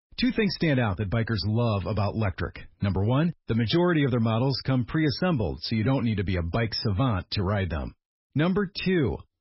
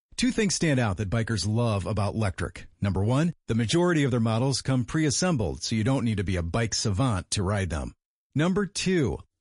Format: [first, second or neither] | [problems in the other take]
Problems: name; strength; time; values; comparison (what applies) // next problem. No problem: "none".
second | garbled, watery; badly; nothing above 5.5 kHz; slightly in the second